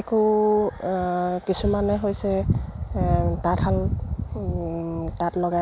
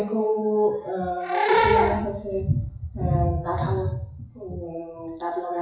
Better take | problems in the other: first | noise reduction (classical method WPE with log-MMSE)

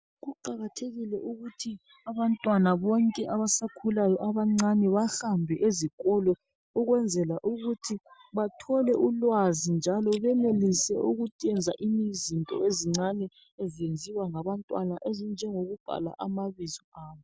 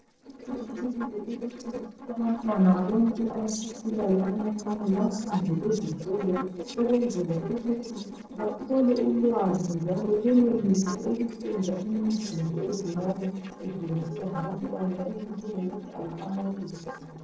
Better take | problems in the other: first | noise reduction (neural separator model SepFormer DNS4)

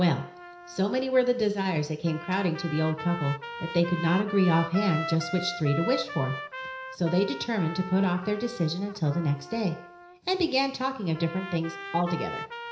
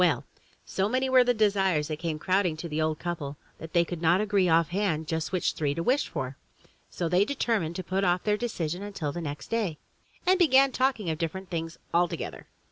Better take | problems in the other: second | background sound (Trumpet); 11 dB below the speech // room echo; dies away in 0.5 s

